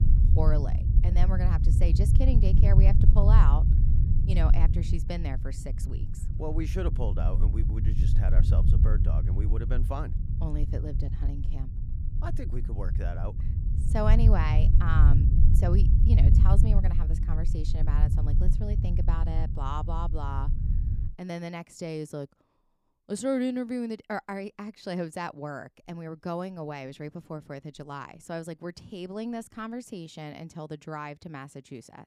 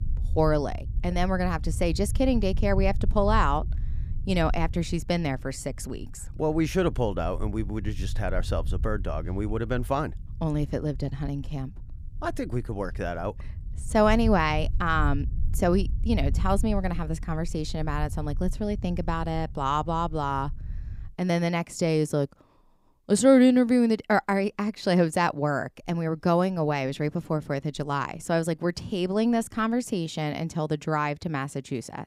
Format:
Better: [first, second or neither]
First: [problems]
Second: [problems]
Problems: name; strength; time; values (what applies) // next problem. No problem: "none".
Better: second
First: low rumble; loud; until 21 s; 5 dB below the speech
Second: low rumble; faint; until 21 s; 25 dB below the speech